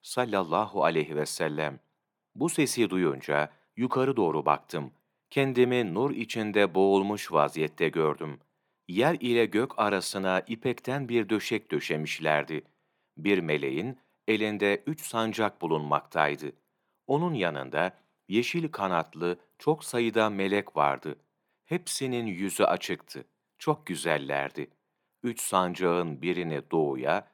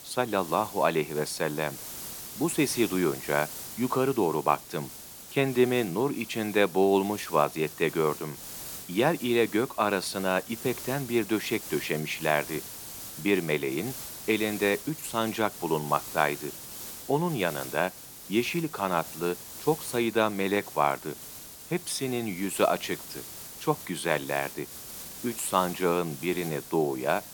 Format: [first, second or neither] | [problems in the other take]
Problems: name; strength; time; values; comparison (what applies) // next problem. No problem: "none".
first | hiss; noticeable; throughout; 10 dB below the speech